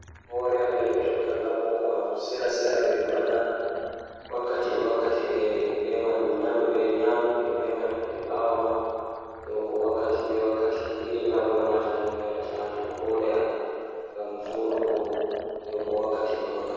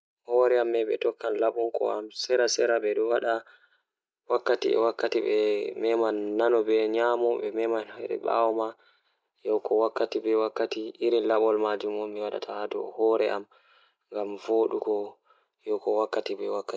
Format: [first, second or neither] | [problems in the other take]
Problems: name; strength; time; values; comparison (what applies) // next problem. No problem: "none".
second | background sound (Liquid); 15 dB below the speech // room echo; dies away in 2.2 s